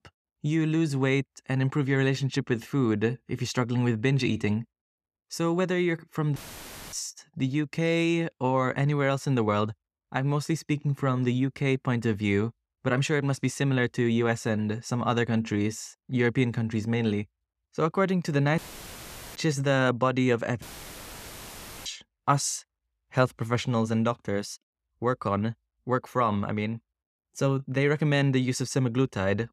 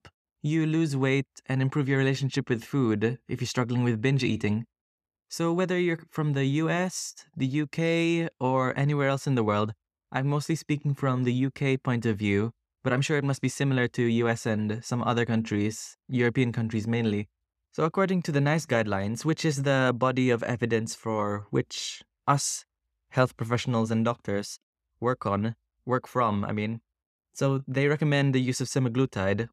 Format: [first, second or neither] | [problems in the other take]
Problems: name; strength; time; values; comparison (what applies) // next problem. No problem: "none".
second | audio cutting out; filled with static; at 6.5 s for 0.5 s, at 19 s for 1 s and at 21 s for 1 s